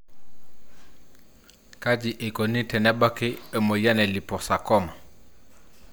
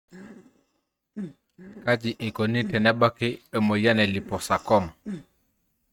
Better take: first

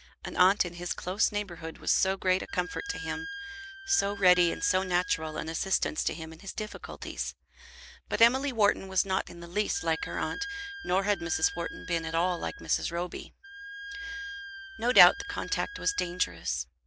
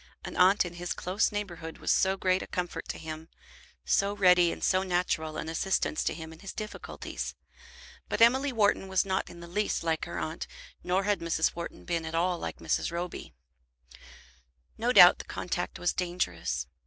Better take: second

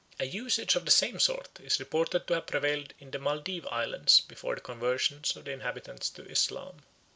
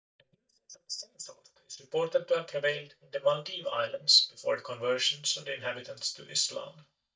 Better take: first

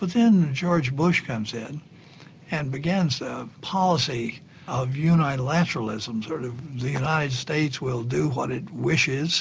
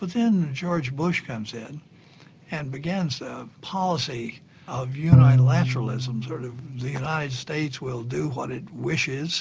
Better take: first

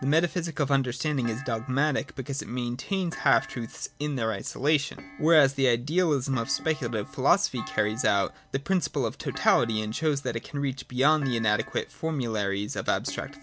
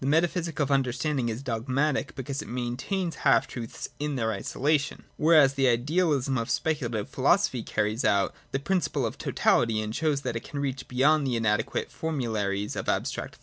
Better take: second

